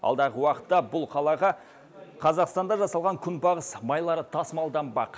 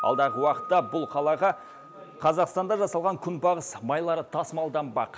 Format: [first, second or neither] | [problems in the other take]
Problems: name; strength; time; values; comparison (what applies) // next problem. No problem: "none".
first | background sound (Piano); 14 dB below the speech